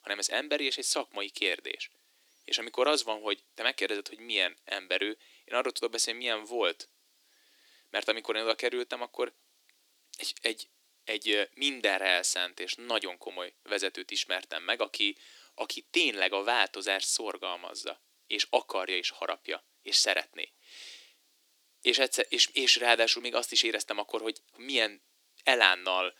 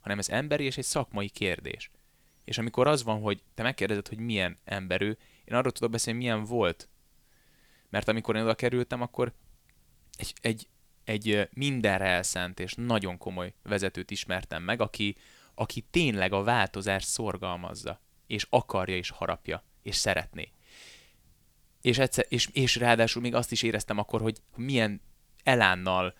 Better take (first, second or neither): second